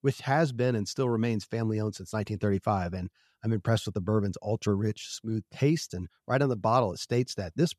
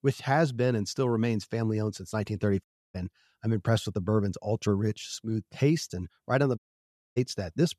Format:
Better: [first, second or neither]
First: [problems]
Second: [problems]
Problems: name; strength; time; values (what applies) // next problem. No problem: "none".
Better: first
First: none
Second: audio cutting out; at 2.5 s and at 6.5 s for 0.5 s